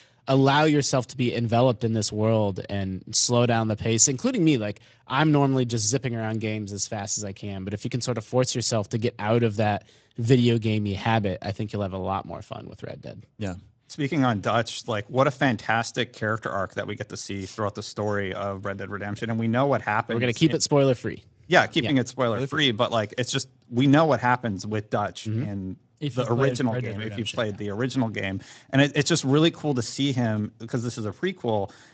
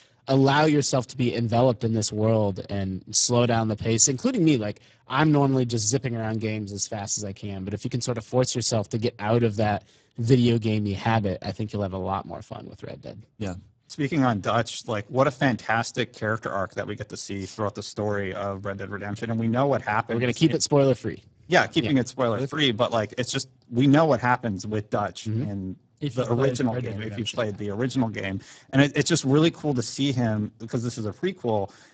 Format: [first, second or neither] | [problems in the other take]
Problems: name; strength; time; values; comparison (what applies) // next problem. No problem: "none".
first | garbled, watery; badly; nothing above 7.5 kHz; slightly in the first